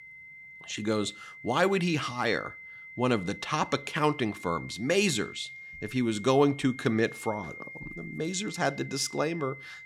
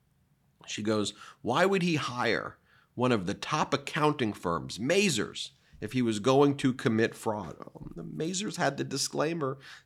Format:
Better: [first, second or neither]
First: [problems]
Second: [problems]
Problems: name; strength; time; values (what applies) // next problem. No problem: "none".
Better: second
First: high-pitched whine; noticeable; throughout; 2 kHz, 15 dB below the speech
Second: none